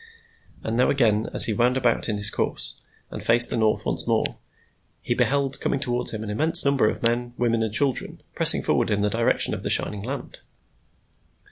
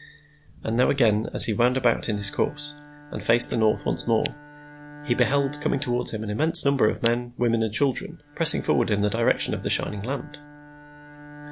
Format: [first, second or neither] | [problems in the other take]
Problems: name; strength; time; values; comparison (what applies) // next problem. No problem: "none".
first | background sound (Bowed string instrument); 19 dB below the speech